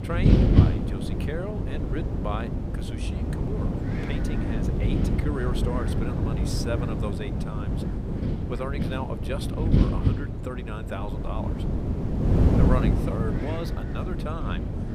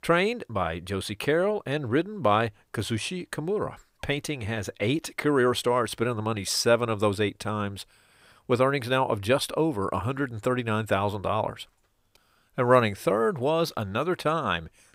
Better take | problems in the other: second | wind noise on the microphone; heavy; 1 dB above the speech

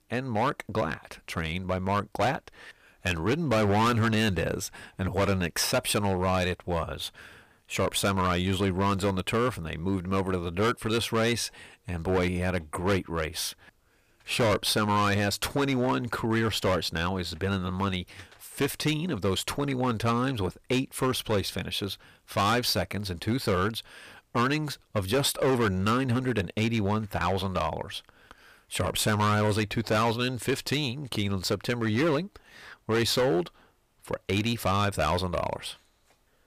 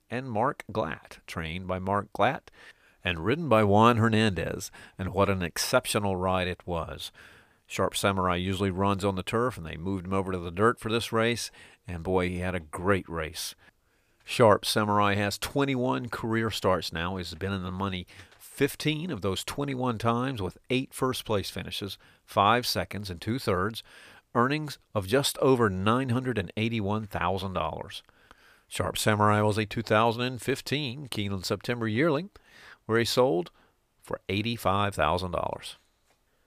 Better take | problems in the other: second | distortion; heavy; 9% of the sound clipped

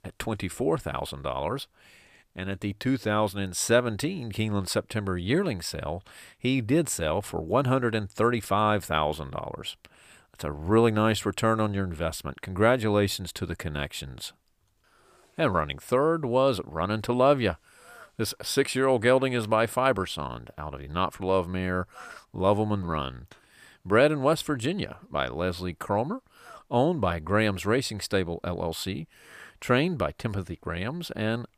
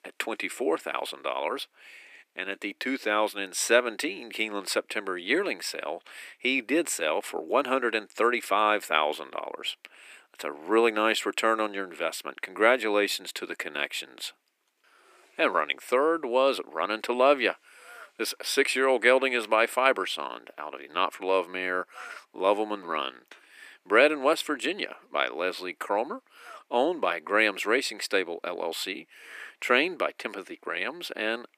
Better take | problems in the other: first | thin; somewhat; fading below 300 Hz

